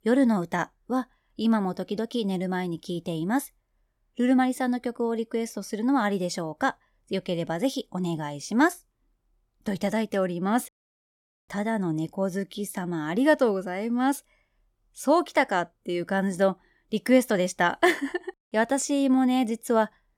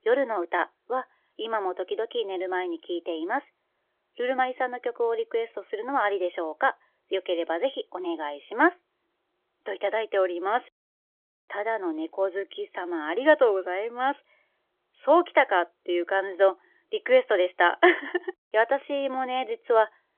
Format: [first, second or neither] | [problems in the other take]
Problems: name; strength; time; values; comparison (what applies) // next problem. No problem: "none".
first | phone-call audio; nothing above 3.5 kHz